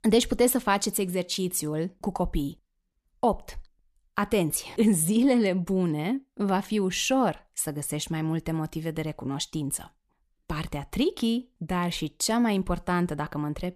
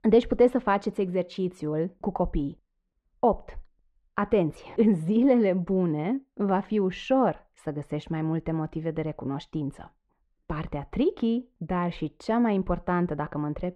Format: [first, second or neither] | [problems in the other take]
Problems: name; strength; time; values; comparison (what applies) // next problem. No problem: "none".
first | muffled; very; fading above 2 kHz